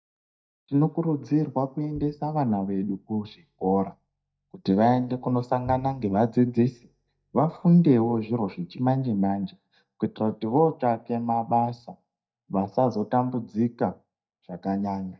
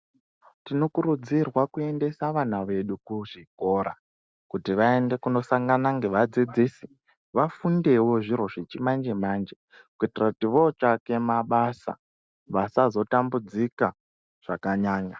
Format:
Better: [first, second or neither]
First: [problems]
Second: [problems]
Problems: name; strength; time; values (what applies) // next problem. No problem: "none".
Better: second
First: noise reduction (neural mask model DeepFilterNet 3)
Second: none